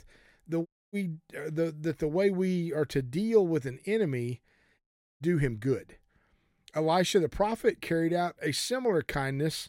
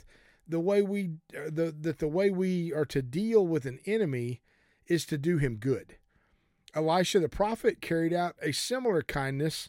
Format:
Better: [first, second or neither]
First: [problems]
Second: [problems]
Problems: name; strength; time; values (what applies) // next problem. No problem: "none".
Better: second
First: audio cutting out; at 0.5 s and at 5 s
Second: none